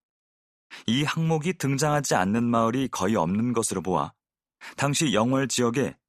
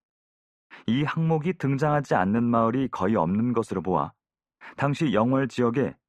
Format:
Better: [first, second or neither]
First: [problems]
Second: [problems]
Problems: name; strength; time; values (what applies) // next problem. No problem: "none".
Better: first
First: none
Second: muffled; very; fading above 3.5 kHz